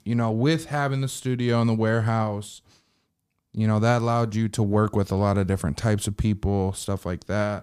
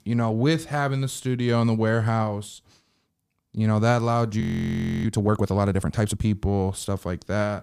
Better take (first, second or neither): first